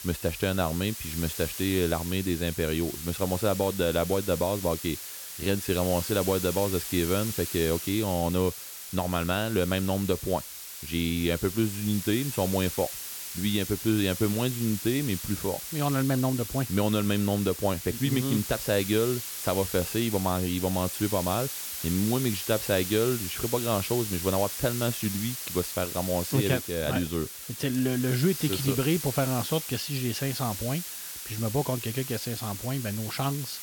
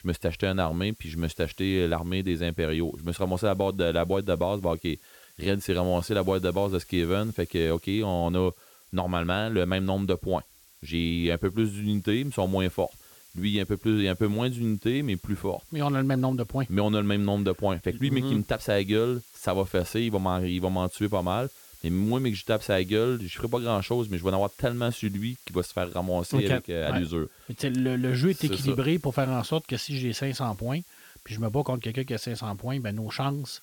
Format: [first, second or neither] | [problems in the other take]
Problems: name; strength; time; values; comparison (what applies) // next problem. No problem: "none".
second | hiss; loud; throughout; 6 dB below the speech; faint in the second